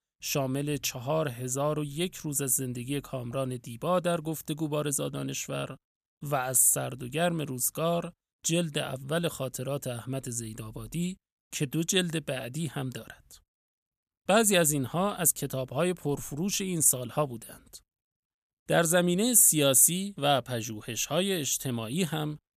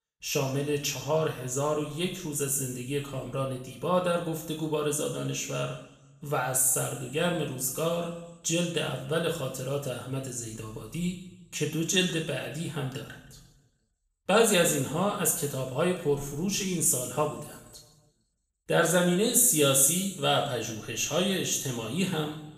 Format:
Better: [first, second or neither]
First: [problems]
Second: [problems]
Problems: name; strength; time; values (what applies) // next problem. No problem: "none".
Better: first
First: none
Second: room echo; noticeable; dies away in 0.9 s // off-mic speech; somewhat distant